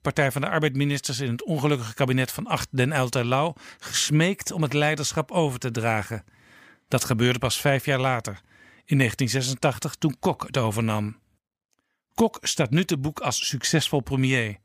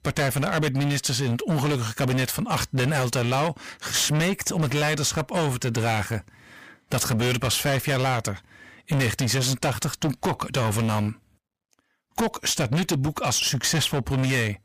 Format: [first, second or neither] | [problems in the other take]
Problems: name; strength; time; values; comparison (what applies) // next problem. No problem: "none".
first | distortion; heavy; 20% of the sound clipped